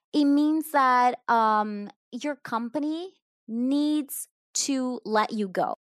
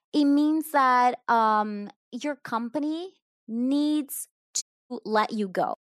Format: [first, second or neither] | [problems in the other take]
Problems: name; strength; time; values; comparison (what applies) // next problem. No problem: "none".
first | audio cutting out; at 4.5 s